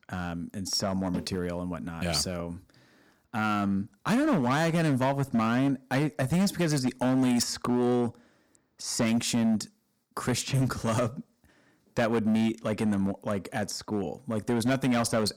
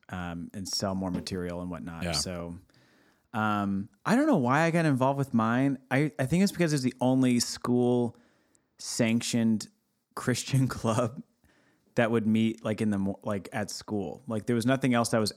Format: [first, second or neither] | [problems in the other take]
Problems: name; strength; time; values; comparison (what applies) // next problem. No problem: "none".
second | distortion; slight; 10% of the sound clipped